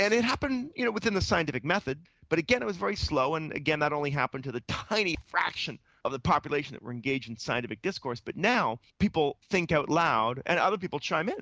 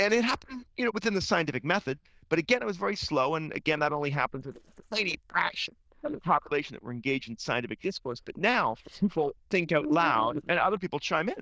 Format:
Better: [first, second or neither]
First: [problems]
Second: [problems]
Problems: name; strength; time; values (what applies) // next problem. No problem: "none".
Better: first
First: none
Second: noise reduction (neural diffusion model UNIVERSE++)